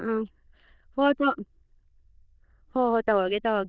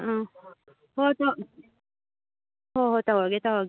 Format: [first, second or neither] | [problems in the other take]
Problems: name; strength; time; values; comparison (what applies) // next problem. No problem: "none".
second | noise reduction (neural diffusion model UNIVERSE++)